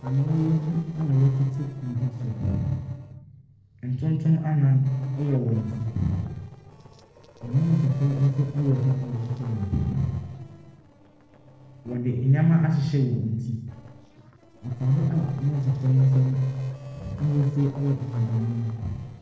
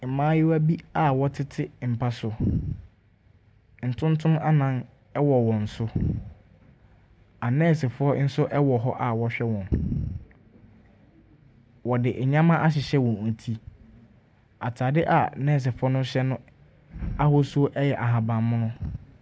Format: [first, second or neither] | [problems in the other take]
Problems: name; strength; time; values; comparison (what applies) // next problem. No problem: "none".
second | noise reduction (neural separator model SepFormer DNS4)